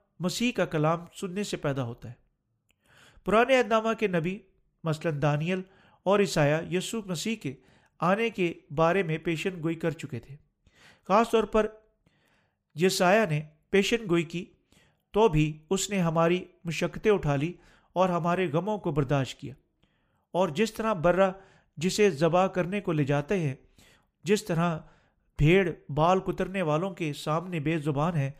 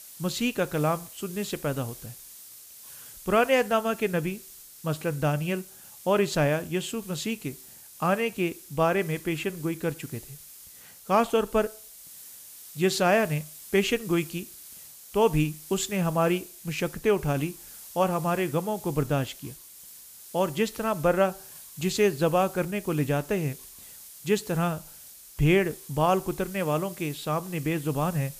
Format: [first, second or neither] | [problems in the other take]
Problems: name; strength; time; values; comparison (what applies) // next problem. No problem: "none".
first | hiss; noticeable; throughout; 15 dB below the speech